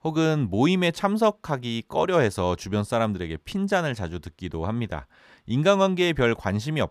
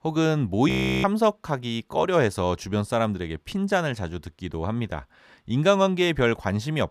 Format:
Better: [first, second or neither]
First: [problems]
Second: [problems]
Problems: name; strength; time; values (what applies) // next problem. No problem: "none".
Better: first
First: none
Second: audio freezing; at 0.5 s